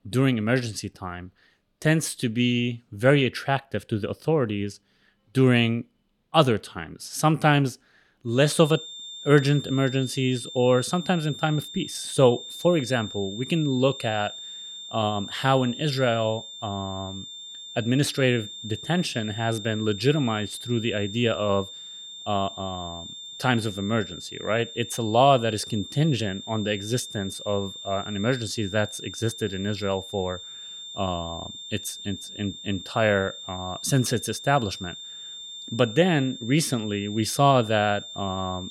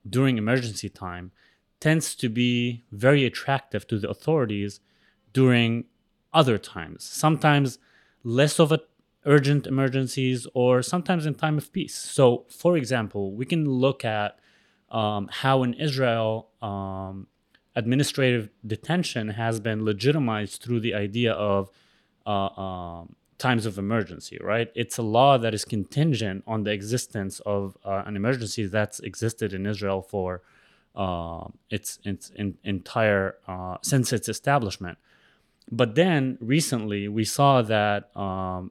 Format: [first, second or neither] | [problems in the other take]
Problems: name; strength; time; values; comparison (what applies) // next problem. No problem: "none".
second | high-pitched whine; noticeable; from 8.5 s on; 3.5 kHz, 10 dB below the speech